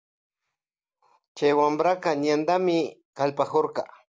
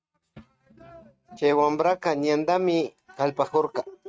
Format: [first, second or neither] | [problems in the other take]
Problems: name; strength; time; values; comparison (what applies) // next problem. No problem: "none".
first | noise reduction (neural mask model RNNoise)